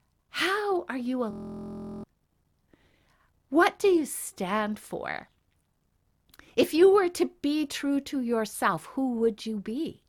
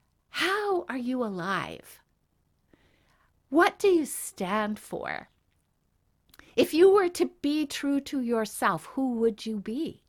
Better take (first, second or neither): second